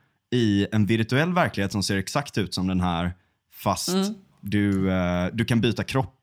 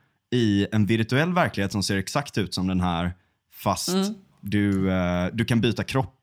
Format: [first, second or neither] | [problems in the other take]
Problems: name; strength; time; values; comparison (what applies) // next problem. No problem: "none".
neither | none